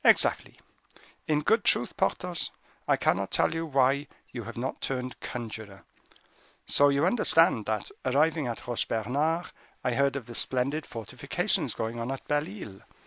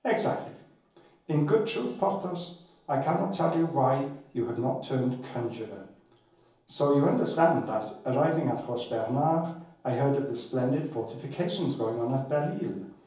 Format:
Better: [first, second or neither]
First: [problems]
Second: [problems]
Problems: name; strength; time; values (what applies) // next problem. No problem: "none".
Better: first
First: none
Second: room echo; dies away in 0.7 s